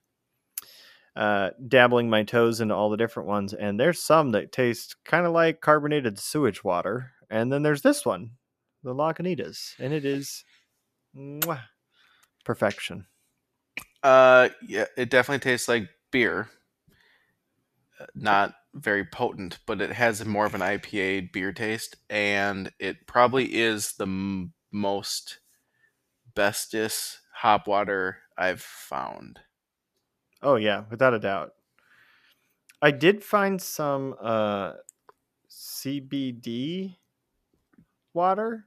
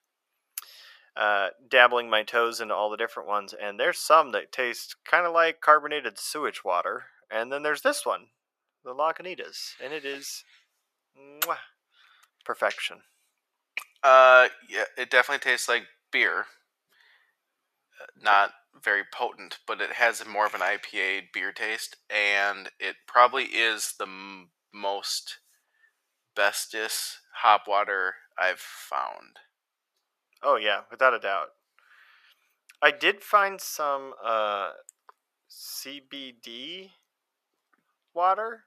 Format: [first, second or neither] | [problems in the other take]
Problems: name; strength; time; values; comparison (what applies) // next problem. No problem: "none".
first | thin; very; fading below 650 Hz